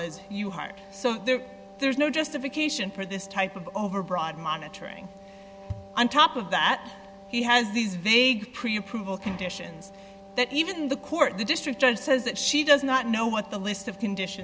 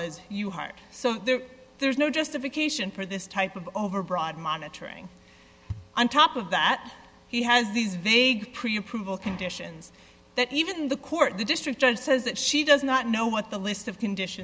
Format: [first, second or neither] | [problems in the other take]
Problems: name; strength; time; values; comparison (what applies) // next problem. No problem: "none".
second | background sound (Wind instrument, woodwind instrument); 19 dB below the speech